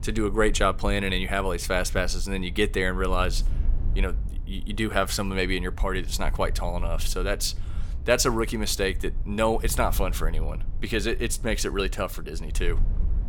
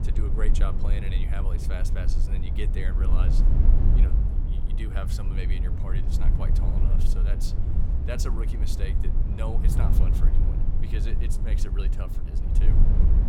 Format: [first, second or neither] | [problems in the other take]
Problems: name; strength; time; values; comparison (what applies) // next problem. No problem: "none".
first | low rumble; loud; throughout; 2 dB below the speech; faint in the first